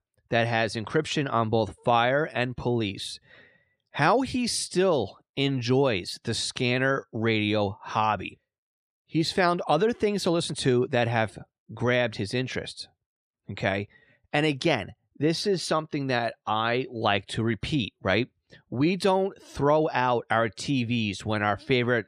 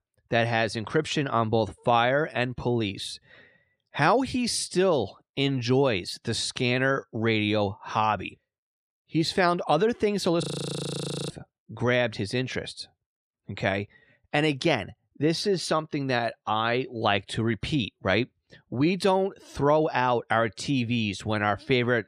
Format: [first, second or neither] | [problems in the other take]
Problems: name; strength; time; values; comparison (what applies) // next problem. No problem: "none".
first | audio freezing; at 10 s for 1 s